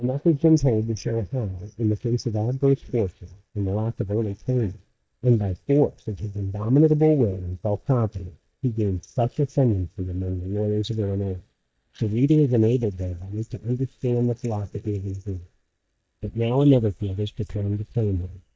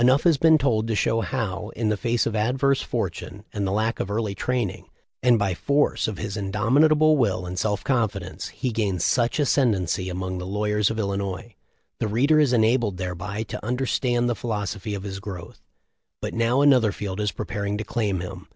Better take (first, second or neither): second